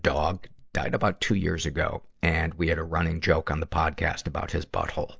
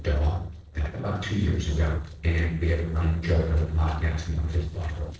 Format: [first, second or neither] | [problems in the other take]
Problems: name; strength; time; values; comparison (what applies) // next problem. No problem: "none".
first | noise reduction (neural separator model SepFormer DNS4)